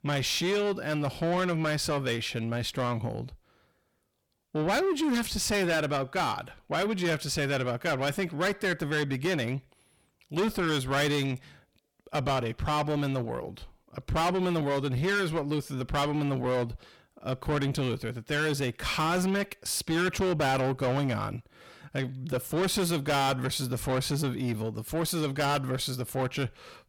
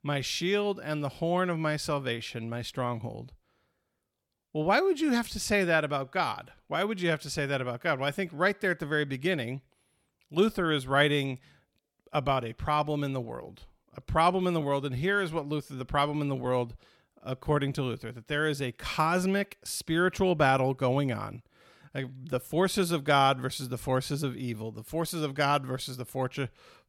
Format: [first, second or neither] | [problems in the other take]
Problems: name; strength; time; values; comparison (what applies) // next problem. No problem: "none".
second | distortion; heavy; 7 dB below the speech